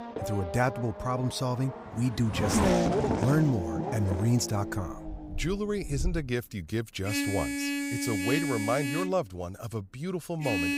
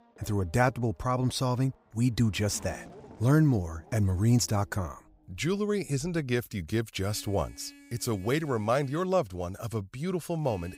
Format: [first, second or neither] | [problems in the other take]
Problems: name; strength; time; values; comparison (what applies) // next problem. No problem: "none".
second | traffic noise; loud; throughout; 1 dB below the speech; faint in the second